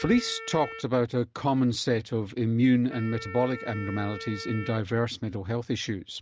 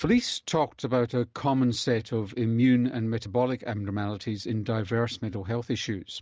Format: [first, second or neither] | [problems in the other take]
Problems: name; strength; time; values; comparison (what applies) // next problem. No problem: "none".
second | background sound (Wind instrument, woodwind instrument); 16 dB below the speech